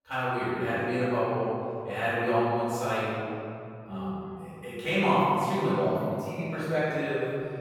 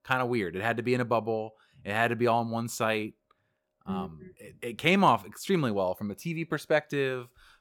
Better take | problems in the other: second | off-mic speech; far // room echo; strong; dies away in 2.4 s

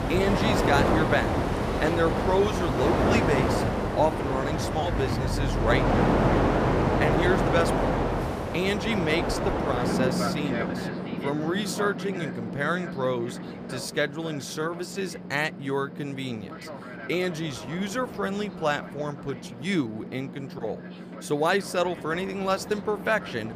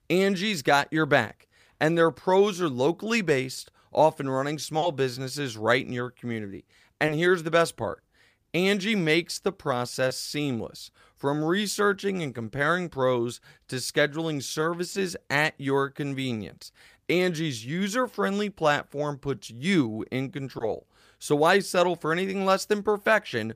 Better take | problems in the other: second | train or aircraft noise; very loud; throughout; 2 dB above the speech

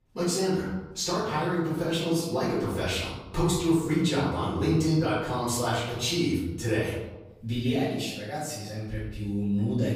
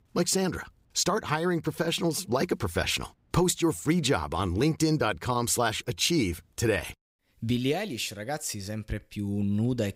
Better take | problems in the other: second | off-mic speech; far // room echo; noticeable; dies away in 1 s

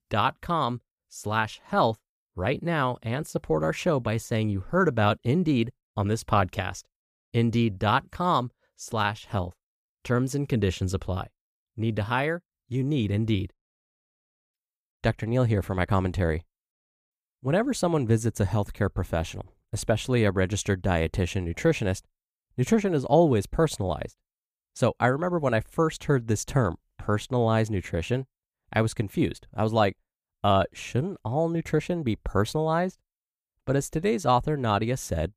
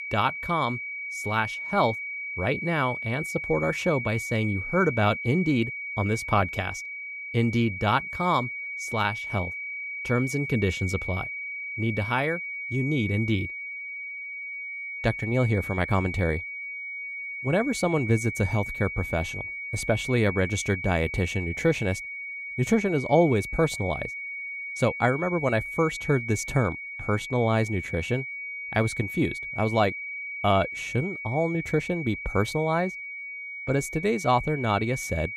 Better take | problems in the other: first | high-pitched whine; loud; throughout; 2.5 kHz, 6 dB below the speech

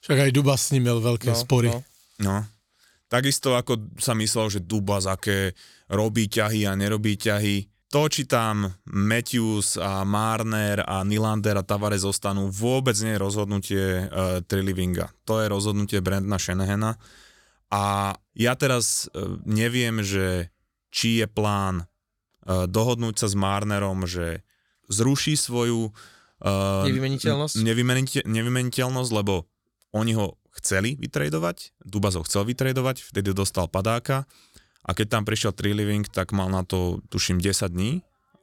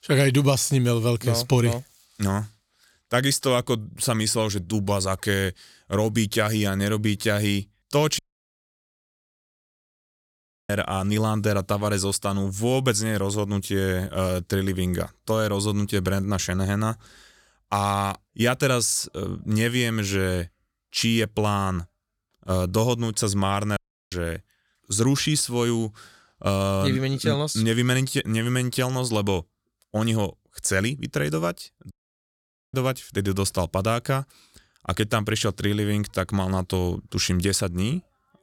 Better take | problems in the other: first | audio cutting out; at 8 s for 2.5 s, at 24 s and at 32 s for 1 s

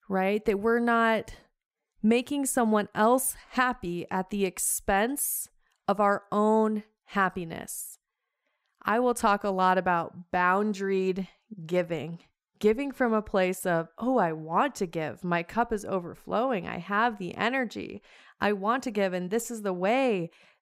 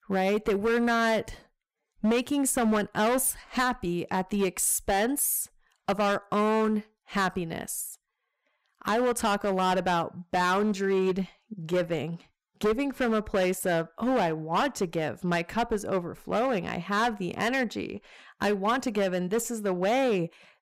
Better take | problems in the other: first | distortion; heavy; 10% of the sound clipped

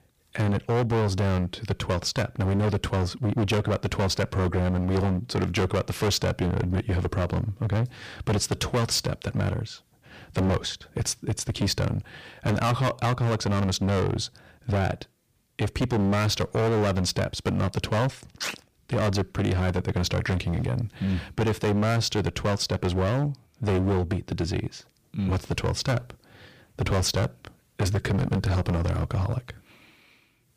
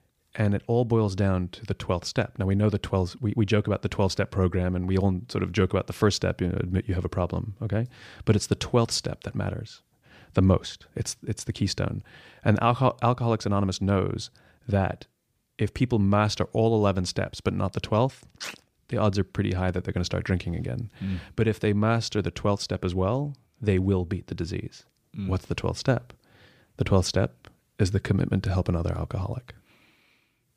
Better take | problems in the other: second | distortion; heavy; 19% of the sound clipped

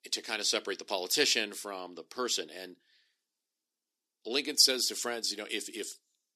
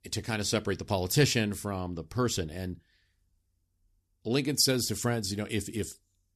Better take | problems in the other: second | thin; somewhat; fading below 300 Hz

